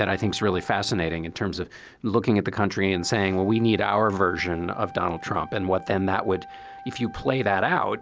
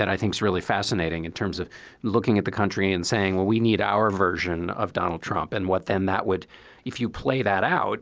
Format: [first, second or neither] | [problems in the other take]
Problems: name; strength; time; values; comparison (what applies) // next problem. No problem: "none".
second | background sound (Wind instrument, woodwind instrument); 19 dB below the speech